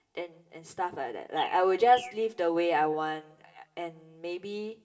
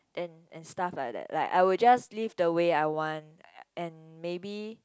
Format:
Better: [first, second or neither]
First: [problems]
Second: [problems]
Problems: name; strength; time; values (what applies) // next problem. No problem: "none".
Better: second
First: background sound (Bird); 18 dB below the speech // room echo; dies away in 0.7 s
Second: none